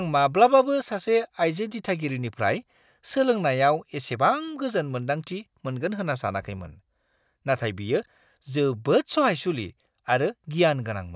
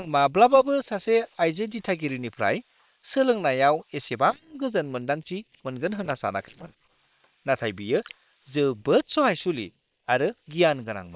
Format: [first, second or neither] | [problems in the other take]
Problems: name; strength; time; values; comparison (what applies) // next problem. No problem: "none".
first | noise reduction (neural separator model SepFormer WHAM!)